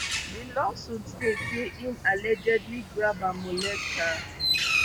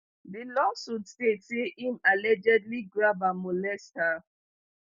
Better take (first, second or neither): second